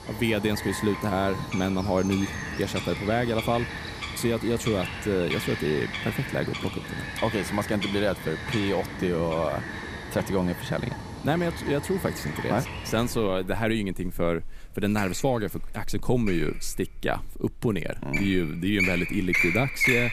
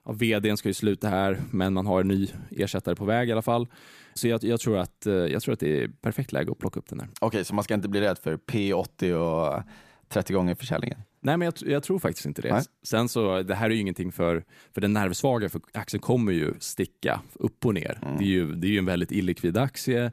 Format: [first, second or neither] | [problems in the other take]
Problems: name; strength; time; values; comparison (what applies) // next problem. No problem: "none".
second | animal sounds; loud; throughout; 4 dB below the speech